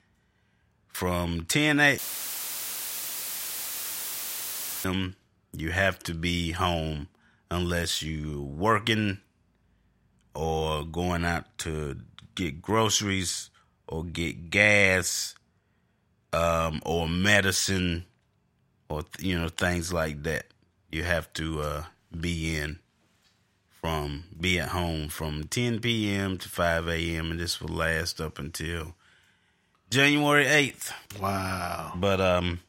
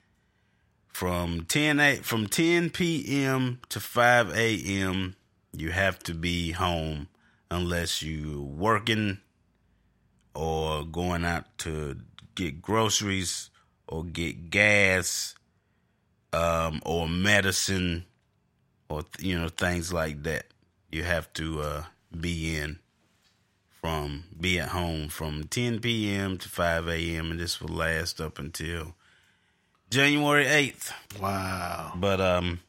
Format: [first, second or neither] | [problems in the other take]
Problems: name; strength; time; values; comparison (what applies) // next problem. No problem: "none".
second | audio cutting out; filled with static; at 2 s for 3 s